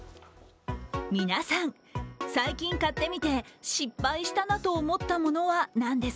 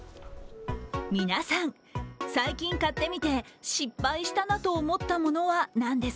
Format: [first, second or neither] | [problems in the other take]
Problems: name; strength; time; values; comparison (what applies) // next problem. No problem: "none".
first | background sound (Subway, metro, underground / Doorbell); 15 dB below the speech